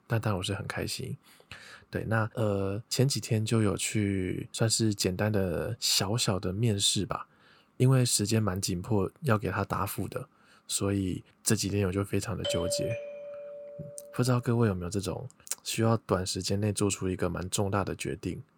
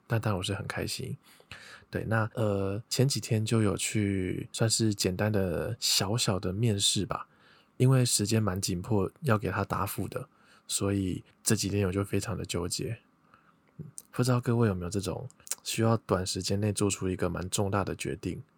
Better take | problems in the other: second | doorbell; noticeable; from 12 to 14 s; peak 3 dB below the speech

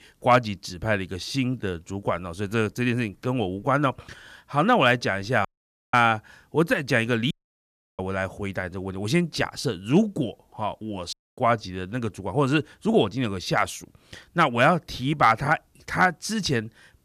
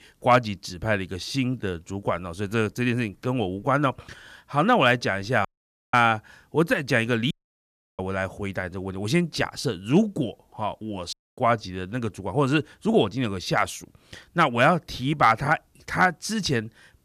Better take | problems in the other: neither | audio cutting out; at 5.5 s, at 7.5 s for 0.5 s and at 11 s; the same in both

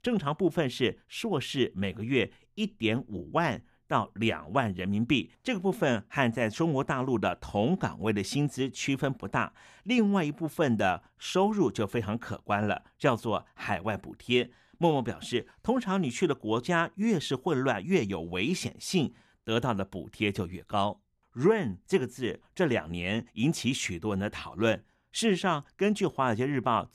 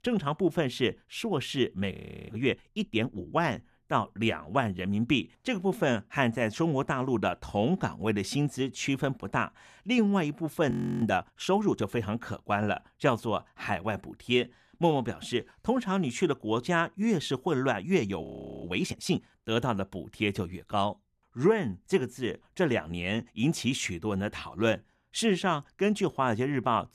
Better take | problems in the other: first | audio freezing; at 2 s, at 11 s and at 18 s

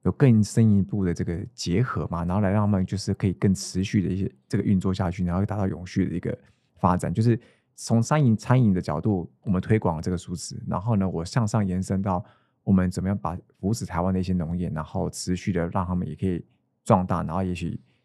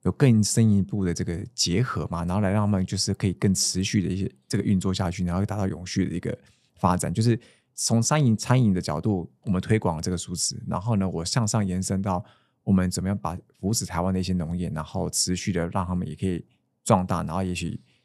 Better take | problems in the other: second | muffled; slightly; fading above 3 kHz

